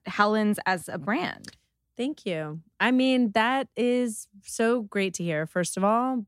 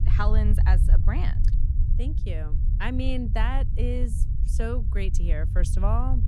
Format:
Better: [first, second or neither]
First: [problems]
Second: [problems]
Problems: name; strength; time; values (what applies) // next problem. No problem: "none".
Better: first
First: none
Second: low rumble; loud; throughout; 9 dB below the speech